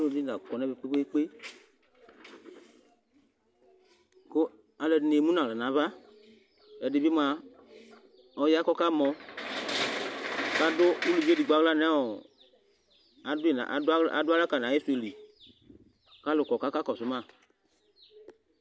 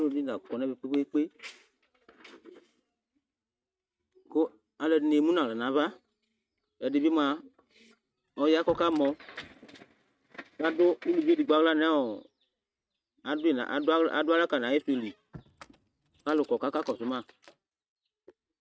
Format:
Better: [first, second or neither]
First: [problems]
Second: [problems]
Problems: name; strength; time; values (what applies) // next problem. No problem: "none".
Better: first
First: none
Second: noise reduction (neural mask model RNNoise)